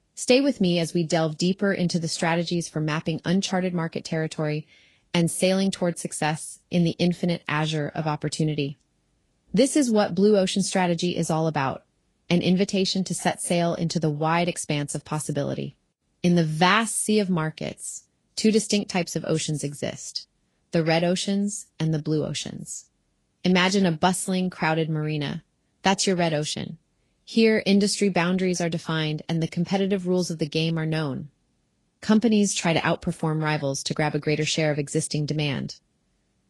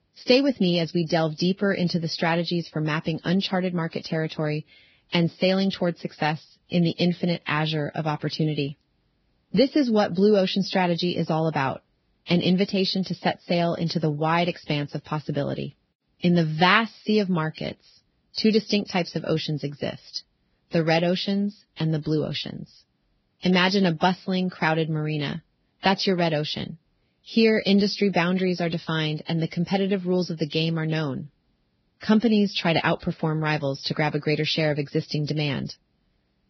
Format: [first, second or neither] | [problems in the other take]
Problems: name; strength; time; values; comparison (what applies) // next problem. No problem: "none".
first | garbled, watery; badly; nothing above 5.5 kHz; slightly in the first